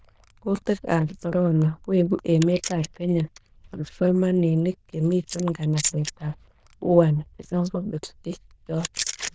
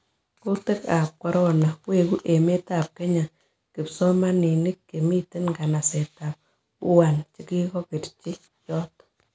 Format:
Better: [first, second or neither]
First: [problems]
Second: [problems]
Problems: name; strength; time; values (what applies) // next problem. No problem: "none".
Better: second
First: noise reduction (neural diffusion model UNIVERSE++)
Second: none